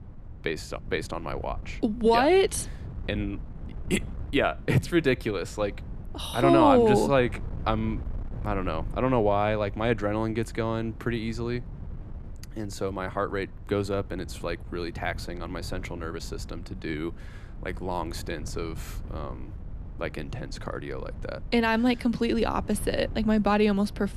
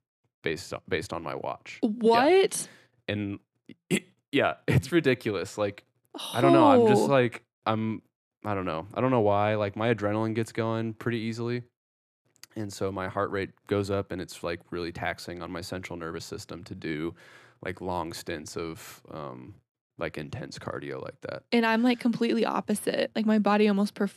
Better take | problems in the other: second | wind noise on the microphone; occasional gusts; 25 dB below the speech

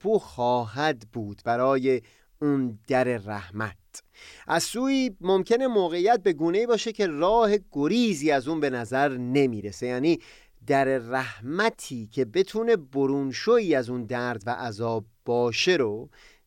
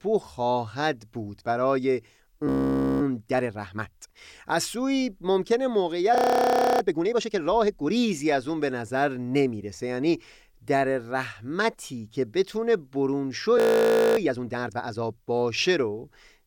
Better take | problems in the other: first | audio freezing; at 2.5 s for 0.5 s, at 6 s for 0.5 s and at 14 s for 0.5 s

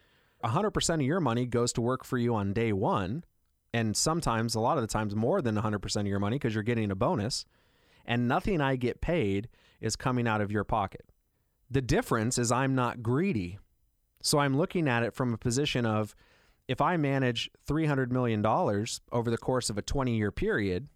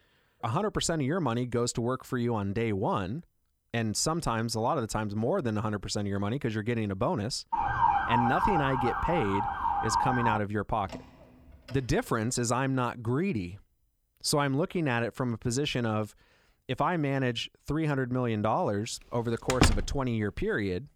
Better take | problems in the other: first | siren; loud; from 7.5 to 10 s; peak 5 dB above the speech // door banging; faint; from 11 to 12 s; peak 15 dB below the speech // door banging; loud; at 19 s; peak 4 dB above the speech

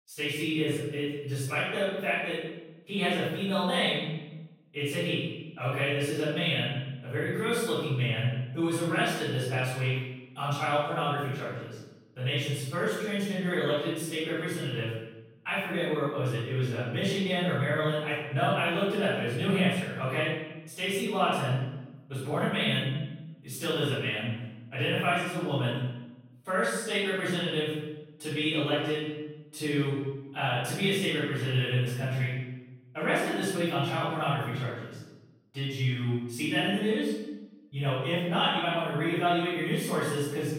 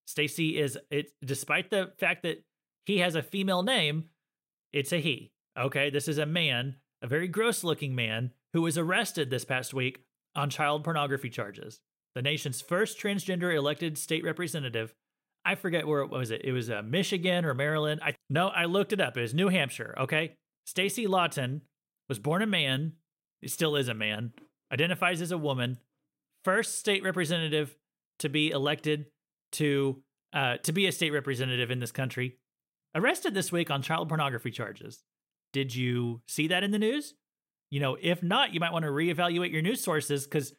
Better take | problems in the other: second | off-mic speech; far // room echo; strong; dies away in 0.9 s

